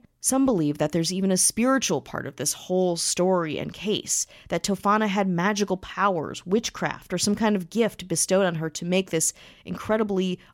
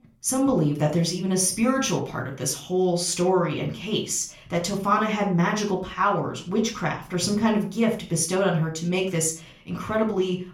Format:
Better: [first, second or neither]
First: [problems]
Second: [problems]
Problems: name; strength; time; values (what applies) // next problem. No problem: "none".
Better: first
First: none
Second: off-mic speech; far // room echo; slight; dies away in 0.3 s